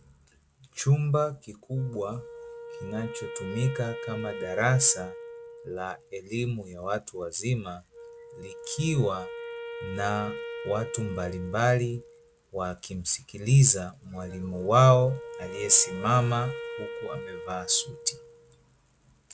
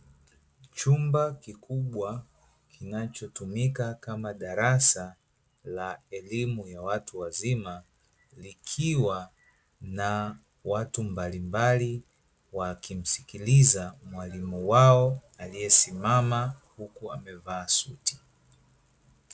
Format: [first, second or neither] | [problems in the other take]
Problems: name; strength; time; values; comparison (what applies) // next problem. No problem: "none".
second | background sound (Wind instrument, woodwind instrument); 13 dB below the speech